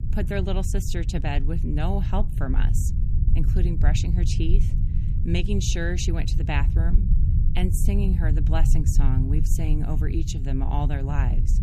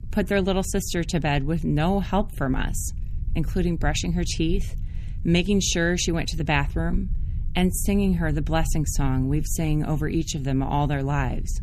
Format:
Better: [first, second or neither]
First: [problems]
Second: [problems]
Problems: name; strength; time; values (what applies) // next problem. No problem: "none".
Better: second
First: low rumble; loud; throughout; 7 dB below the speech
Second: low rumble; faint; throughout; 25 dB below the speech